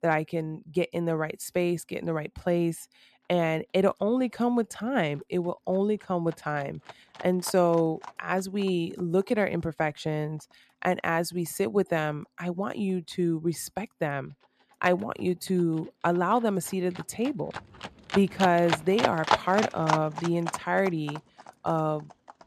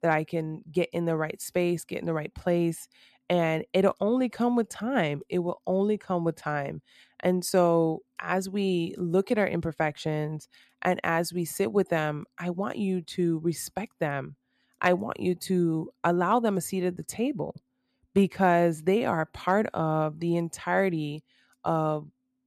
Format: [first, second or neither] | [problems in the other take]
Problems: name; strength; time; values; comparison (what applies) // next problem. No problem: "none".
second | animal sounds; loud; throughout; 5 dB below the speech